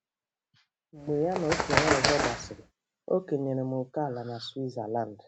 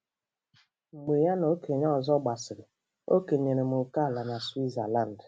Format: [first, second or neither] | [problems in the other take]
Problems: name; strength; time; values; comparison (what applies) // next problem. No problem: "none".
second | background sound (Bird); 2 dB above the speech